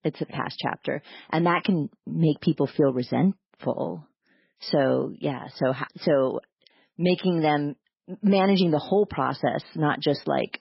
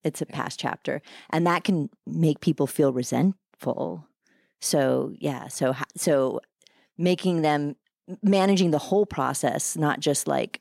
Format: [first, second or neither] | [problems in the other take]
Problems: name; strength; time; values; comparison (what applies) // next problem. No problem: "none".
second | garbled, watery; badly; nothing above 5.5 kHz